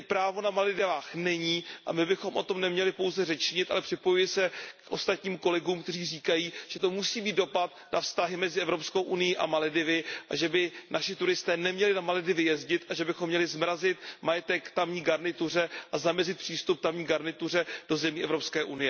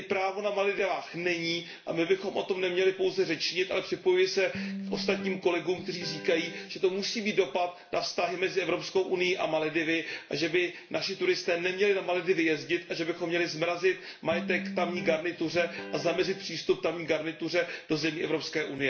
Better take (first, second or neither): first